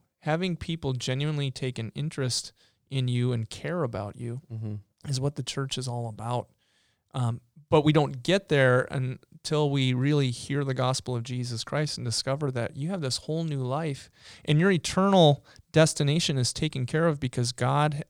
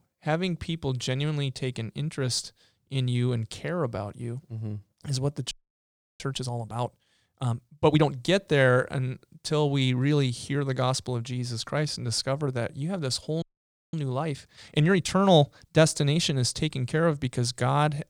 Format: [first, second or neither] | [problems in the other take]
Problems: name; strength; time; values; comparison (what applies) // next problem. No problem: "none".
first | audio freezing; at 5.5 s for 0.5 s and at 13 s for 0.5 s